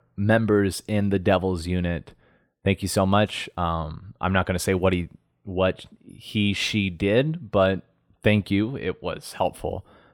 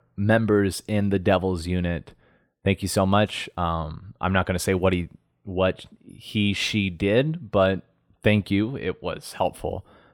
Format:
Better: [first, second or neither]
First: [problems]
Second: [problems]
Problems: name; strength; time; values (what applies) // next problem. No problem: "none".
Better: neither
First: none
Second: none